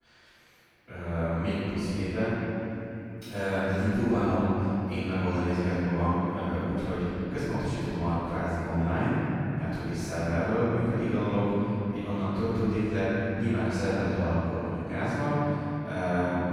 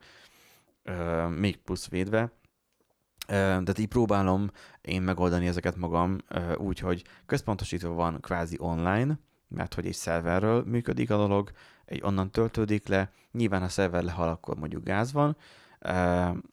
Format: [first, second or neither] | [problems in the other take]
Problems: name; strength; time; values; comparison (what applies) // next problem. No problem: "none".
second | off-mic speech; far // room echo; strong; dies away in 3 s